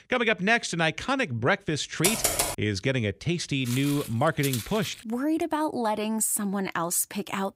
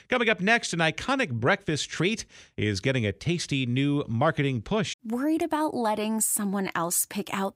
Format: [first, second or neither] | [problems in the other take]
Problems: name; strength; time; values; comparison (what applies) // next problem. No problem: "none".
second | keyboard typing; loud; at 2 s; peak 3 dB above the speech // footsteps; noticeable; from 3.5 to 5 s; peak 7 dB below the speech